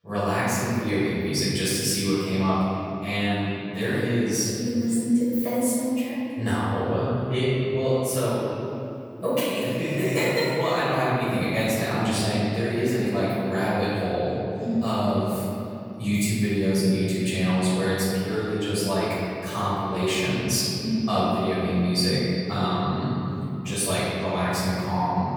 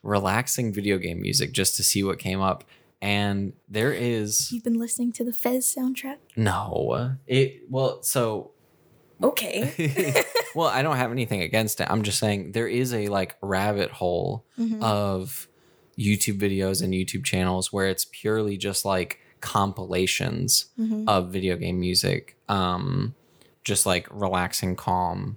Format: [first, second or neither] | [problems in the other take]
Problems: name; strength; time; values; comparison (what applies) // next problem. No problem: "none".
second | off-mic speech; far // room echo; strong; dies away in 3 s